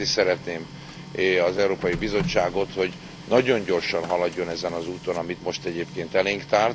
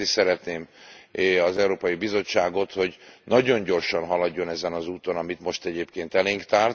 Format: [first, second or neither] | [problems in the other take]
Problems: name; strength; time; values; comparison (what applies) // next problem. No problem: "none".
second | background sound (Printer); 13 dB below the speech